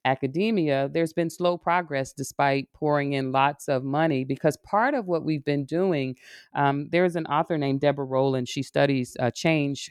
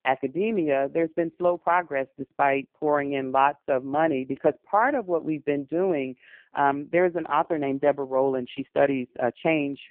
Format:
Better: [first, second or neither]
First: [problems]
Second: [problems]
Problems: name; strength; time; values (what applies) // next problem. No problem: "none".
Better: first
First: none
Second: phone-call audio; poor line